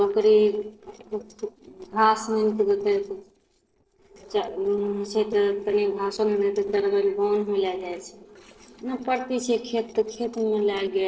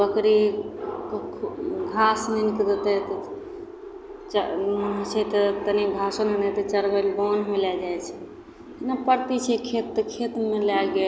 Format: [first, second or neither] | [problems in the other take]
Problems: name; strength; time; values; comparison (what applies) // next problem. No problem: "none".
second | noise reduction (neural separator model SepFormer DNS4)